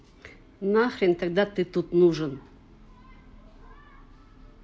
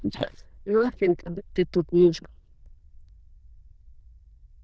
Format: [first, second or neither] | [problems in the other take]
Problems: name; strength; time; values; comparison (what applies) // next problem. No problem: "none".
first | noise reduction (neural diffusion model UNIVERSE++)